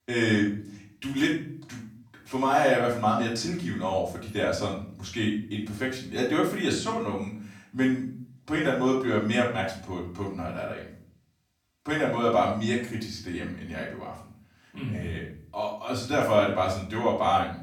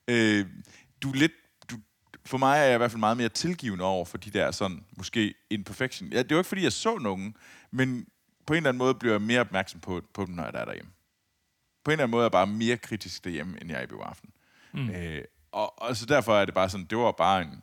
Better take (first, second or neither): second